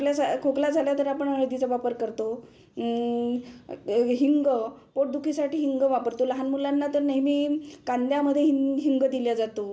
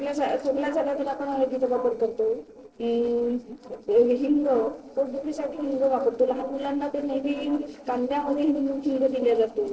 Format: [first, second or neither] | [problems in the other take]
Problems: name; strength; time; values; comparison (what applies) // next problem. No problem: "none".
first | noise reduction (neural separator model SepFormer DNS4)